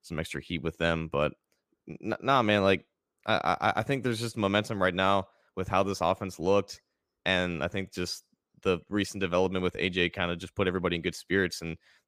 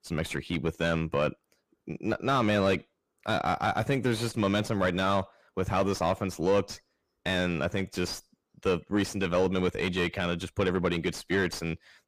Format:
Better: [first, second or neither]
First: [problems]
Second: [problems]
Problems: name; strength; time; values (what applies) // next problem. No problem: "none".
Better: first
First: none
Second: distortion; heavy; 8 dB below the speech